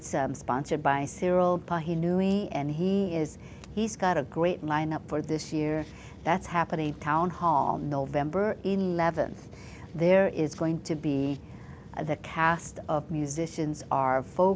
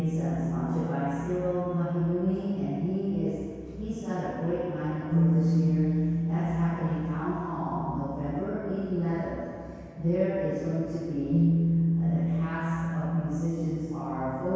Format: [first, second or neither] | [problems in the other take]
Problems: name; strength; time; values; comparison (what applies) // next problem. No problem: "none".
first | background sound (Bass guitar); as loud as the speech // room echo; dies away in 2 s